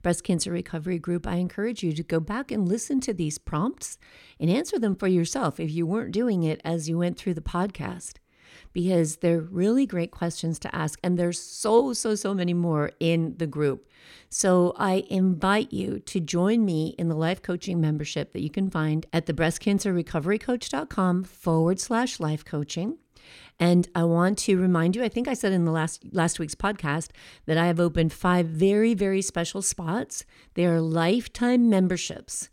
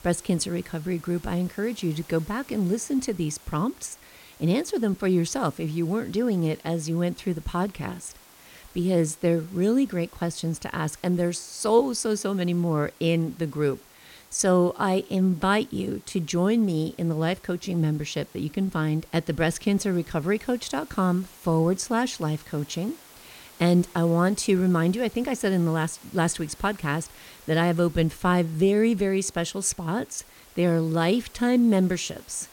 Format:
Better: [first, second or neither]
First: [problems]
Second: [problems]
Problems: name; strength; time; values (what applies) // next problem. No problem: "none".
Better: first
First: none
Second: hiss; faint; throughout; 25 dB below the speech